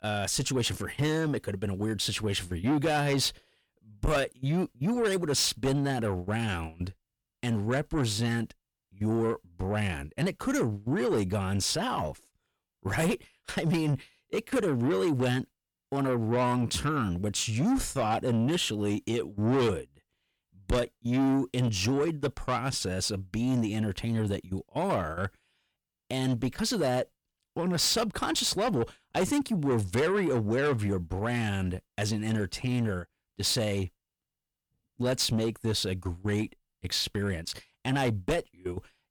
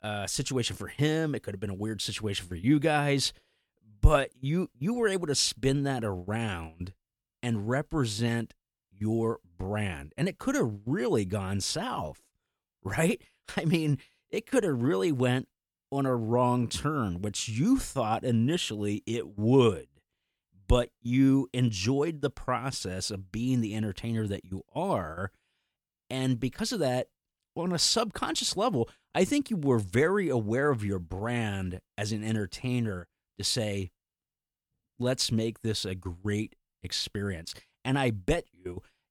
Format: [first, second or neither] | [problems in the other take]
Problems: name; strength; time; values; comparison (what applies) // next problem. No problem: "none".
second | distortion; heavy; 8 dB below the speech